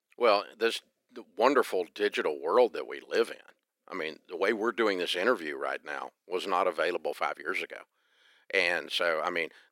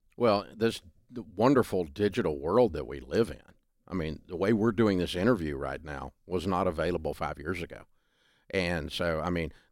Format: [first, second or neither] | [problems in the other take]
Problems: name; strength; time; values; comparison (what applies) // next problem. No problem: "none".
second | thin; somewhat; fading below 400 Hz